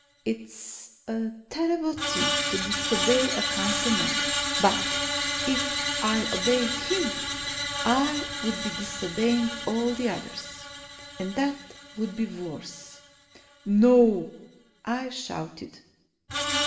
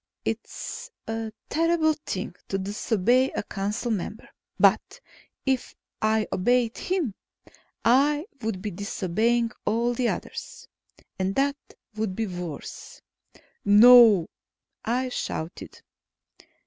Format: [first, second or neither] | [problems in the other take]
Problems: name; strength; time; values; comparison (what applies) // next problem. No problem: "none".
second | background sound (Screech); 3 dB below the speech // room echo; dies away in 0.8 s